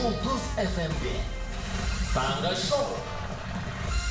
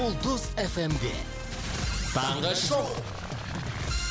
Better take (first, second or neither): second